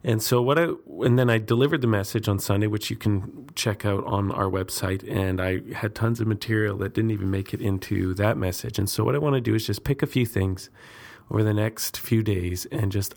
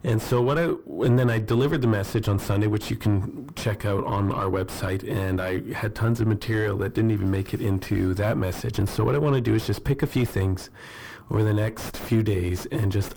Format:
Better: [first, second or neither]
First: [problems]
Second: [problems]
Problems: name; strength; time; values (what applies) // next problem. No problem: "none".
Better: first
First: none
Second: distortion; heavy; 5 dB below the speech